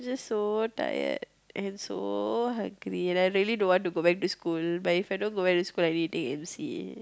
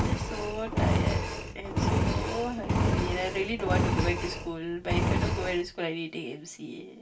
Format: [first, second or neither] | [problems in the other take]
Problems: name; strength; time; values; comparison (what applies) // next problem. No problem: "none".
first | background sound (Engine); 5 dB above the speech // room echo; dies away in 0.2 s